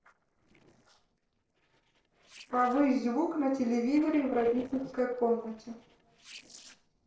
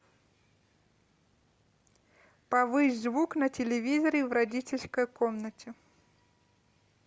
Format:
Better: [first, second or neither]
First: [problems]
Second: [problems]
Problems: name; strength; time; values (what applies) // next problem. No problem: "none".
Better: second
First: noise reduction (neural separator model SepFormer DNS4)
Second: none